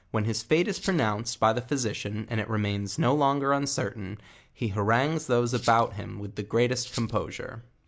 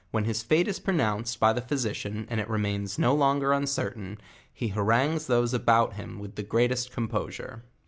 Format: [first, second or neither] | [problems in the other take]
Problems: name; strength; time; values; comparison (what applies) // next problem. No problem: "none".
second | background sound (Rattle (instrument)); 16 dB below the speech